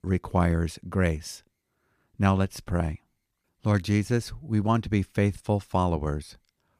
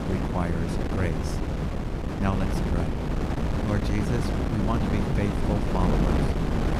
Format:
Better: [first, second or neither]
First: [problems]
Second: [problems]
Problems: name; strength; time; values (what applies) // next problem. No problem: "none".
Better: first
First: none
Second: wind noise on the microphone; heavy; 2 dB above the speech